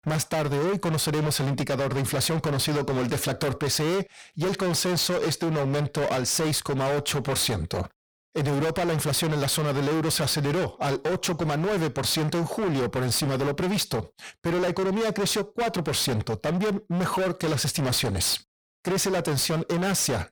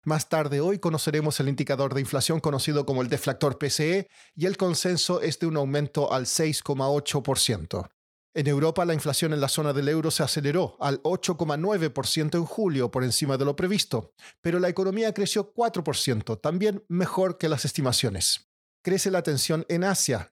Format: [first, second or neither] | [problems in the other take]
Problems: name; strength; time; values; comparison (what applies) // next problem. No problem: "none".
second | distortion; heavy; 38% of the sound clipped